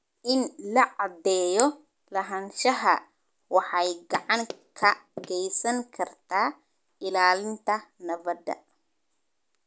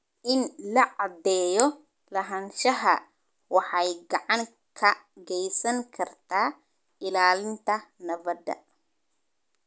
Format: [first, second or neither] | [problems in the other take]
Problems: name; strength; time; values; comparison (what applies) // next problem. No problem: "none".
second | background sound (Run); 15 dB below the speech